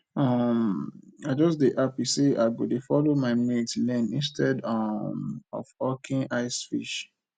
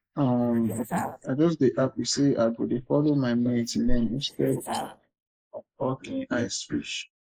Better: first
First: none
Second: noise reduction (neural mask model Resemble Enhance denoiser)

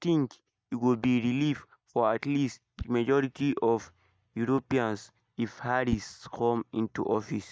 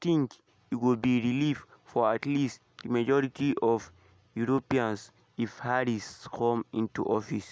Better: second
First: noise reduction (neural mask model DeepFilterNet 3)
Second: none

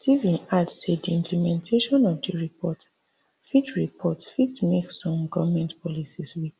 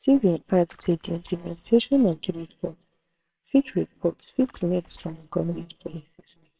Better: first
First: none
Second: noise reduction (neural separator model SepFormer WHAMR!)

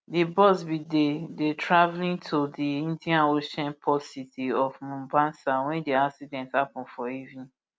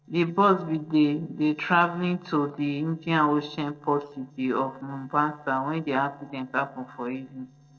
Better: first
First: none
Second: noise reduction (neural separator model SepFormer DNS4)

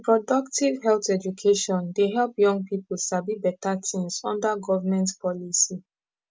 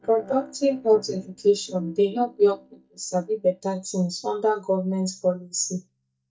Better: first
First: none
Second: noise reduction (neural mask model DeepFilterNet 3)

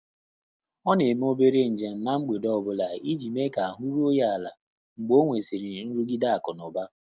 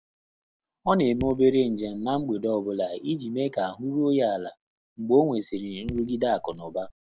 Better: first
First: none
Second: background sound (Raindrop / Drip); 16 dB below the speech

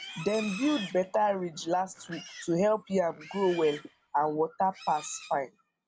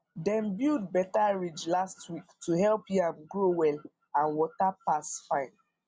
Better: second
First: background sound (Livestock, farm animals, working animals); 16 dB below the speech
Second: none

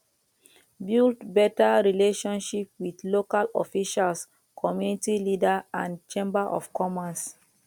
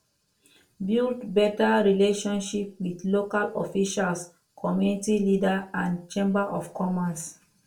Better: first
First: none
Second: room echo; dies away in 0.3 s

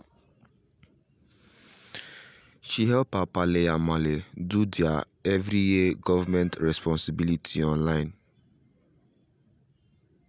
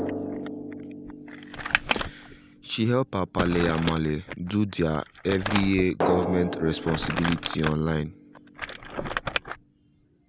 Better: first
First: none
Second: background sound (Drum + Crumpling, crinkling); 4 dB below the speech

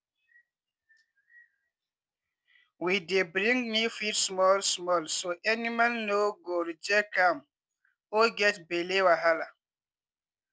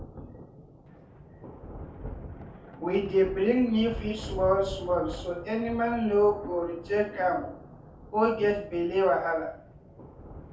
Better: first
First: none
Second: background sound (Thunder); 13 dB below the speech // room echo; dies away in 0.5 s

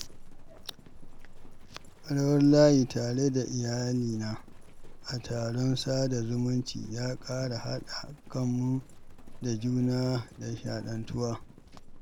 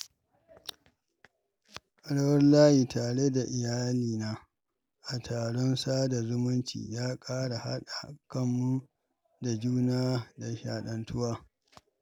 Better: second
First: background sound (Livestock, farm animals, working animals); 14 dB below the speech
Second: none

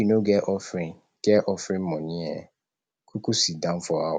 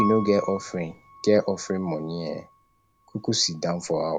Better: first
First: none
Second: background sound (Piano); 12 dB below the speech

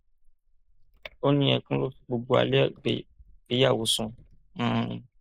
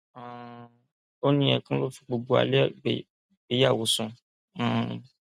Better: second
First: noise reduction (neural mask model Resemble Enhance denoiser)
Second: none

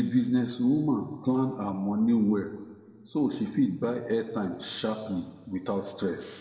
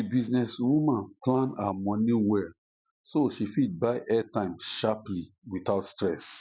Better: second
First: room echo; dies away in 1.7 s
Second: none

